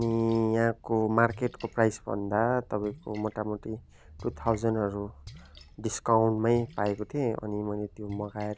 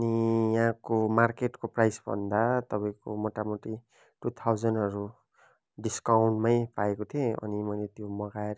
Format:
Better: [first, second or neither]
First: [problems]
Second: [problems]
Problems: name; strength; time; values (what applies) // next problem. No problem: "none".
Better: second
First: background sound (Splash, splatter); 20 dB below the speech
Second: none